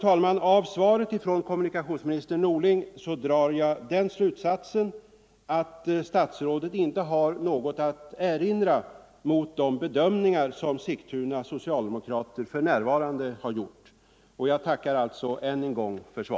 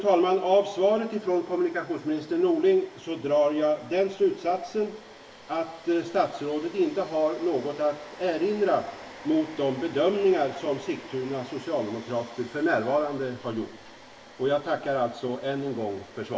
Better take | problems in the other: first | background sound (Domestic sounds, home sounds); 20 dB below the speech // room echo; dies away in 0.8 s

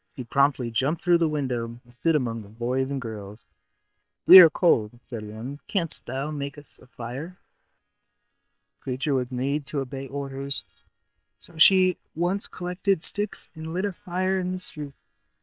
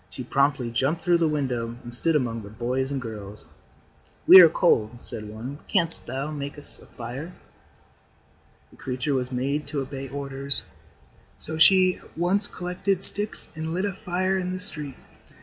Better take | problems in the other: second | noise reduction (neural separator model SepFormer WHAM!)

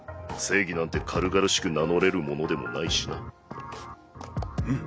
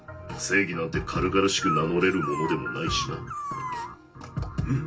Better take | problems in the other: first | background sound (Dog); 6 dB below the speech // room echo; dies away in 0.2 s

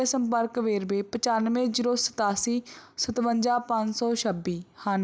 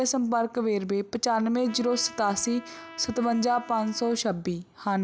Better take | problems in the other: first | background sound (Trumpet); 19 dB below the speech

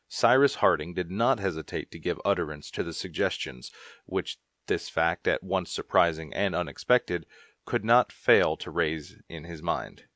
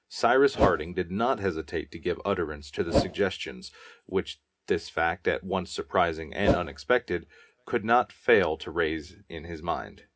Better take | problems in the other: first | background sound (Whoosh, swoosh, swish); as loud as the speech // room echo; dies away in 0.3 s

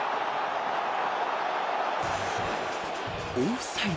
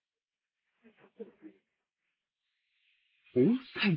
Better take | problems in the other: first | noise reduction (neural mask model Resemble Enhance denoiser)

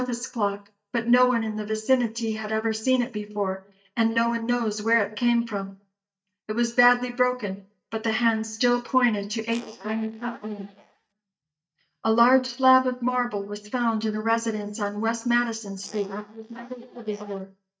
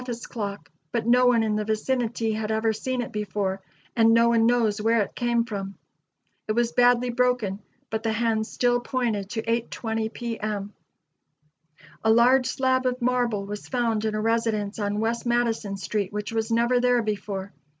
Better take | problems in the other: second | noise reduction (neural mask model DeepFilterNet 3)

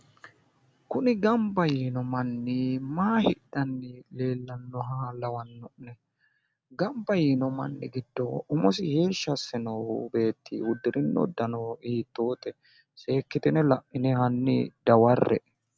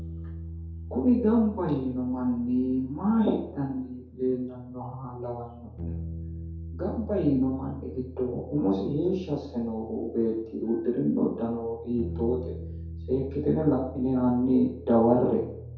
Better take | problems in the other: first | background sound (Bass guitar); 13 dB below the speech // room echo; dies away in 2.3 s

